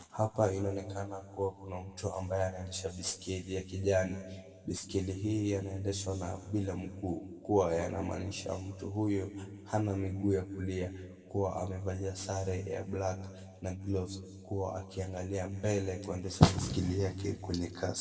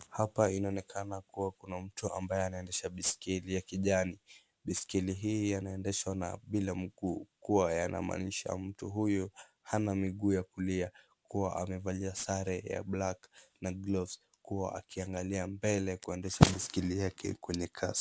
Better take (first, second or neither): second